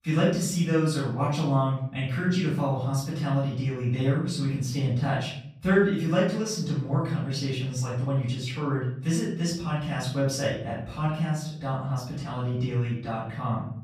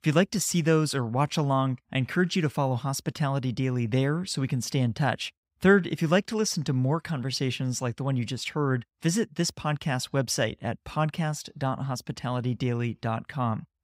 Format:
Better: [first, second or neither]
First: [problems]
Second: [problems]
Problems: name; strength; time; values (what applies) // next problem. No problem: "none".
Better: second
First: off-mic speech; far // room echo; noticeable; dies away in 0.6 s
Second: none